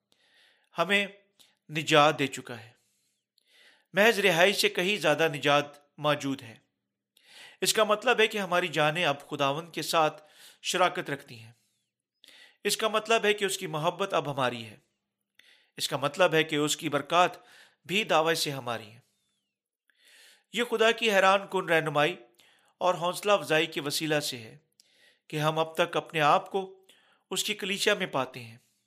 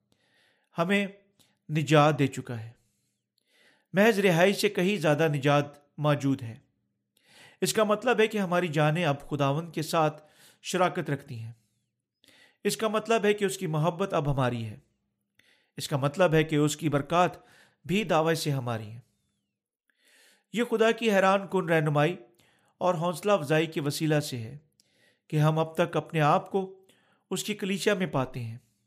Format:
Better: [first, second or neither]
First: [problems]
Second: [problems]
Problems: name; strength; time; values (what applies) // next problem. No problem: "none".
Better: second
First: thin; somewhat; fading below 1 kHz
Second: none